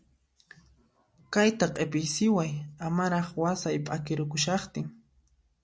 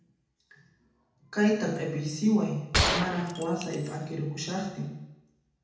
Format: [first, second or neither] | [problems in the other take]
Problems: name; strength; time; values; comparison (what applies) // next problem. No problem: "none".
first | background sound (Gunshot, gunfire); as loud as the speech // room echo; dies away in 0.8 s